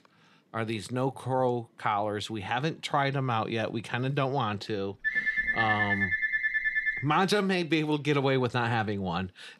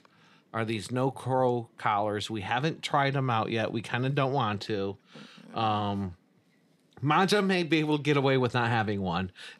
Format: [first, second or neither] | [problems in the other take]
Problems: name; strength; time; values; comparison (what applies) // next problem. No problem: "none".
second | phone ringing; loud; from 5 to 7 s; peak 3 dB above the speech